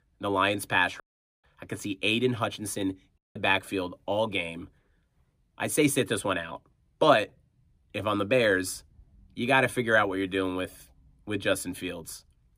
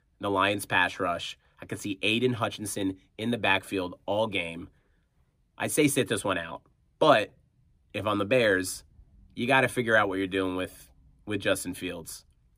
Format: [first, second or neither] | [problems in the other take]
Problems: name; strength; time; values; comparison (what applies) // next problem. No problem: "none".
second | audio cutting out; at 1 s and at 3 s